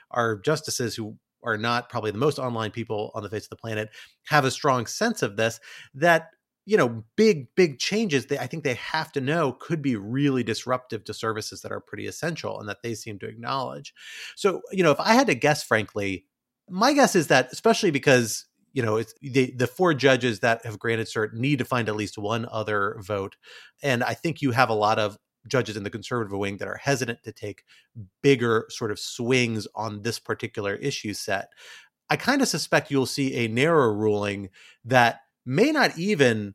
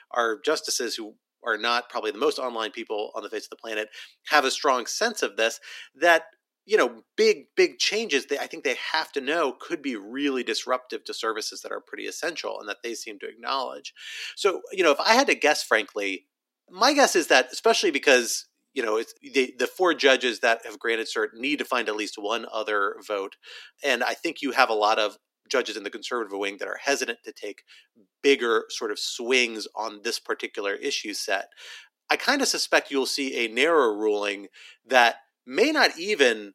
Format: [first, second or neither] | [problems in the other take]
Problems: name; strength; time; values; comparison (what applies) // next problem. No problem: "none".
first | thin; somewhat; fading below 300 Hz